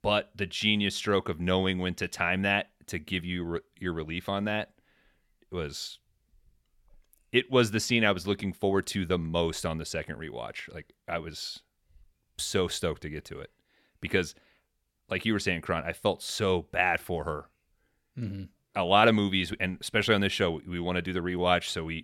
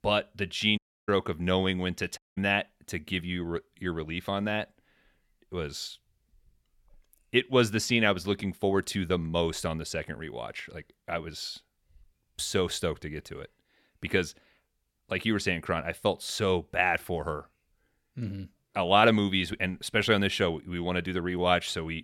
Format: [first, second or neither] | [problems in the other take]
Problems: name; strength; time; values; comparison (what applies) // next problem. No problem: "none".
first | audio cutting out; at 1 s and at 2 s